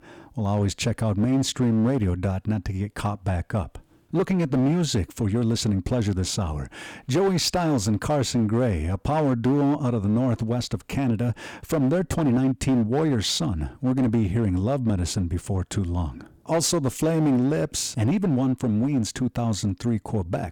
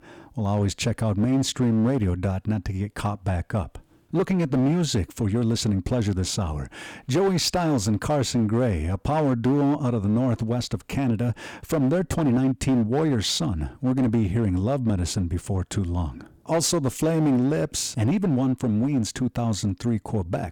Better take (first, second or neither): neither